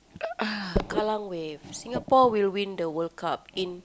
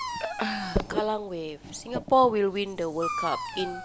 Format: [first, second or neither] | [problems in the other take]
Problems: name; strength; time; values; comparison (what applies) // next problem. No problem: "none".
first | background sound (Dog); 10 dB below the speech